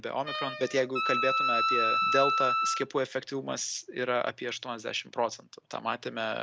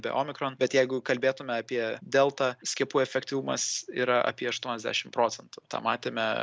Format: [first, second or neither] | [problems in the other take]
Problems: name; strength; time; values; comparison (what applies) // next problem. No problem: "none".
second | background sound (Wind instrument, woodwind instrument); 3 dB above the speech